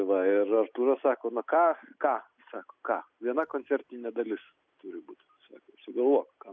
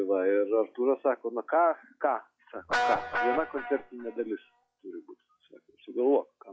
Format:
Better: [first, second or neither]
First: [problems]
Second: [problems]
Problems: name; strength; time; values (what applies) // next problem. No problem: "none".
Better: first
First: none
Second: noise reduction (classical method log-MMSE)